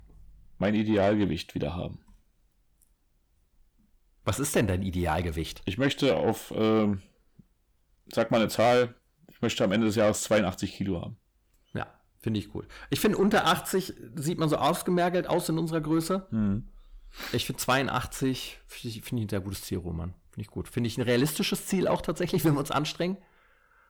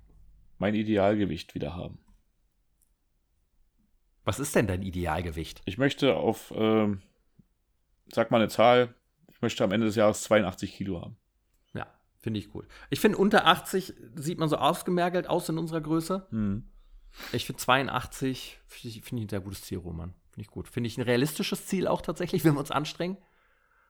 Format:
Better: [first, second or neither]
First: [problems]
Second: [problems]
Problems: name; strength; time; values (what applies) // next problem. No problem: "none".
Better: second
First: distortion; slight; 10 dB below the speech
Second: none